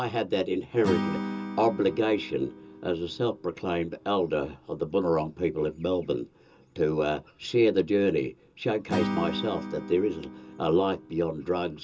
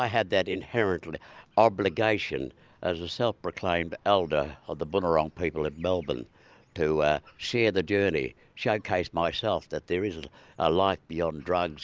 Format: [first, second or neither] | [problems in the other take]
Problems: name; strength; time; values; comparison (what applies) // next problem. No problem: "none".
second | background sound (Acoustic guitar / Strum); 10 dB below the speech // room echo; dies away in 0.2 s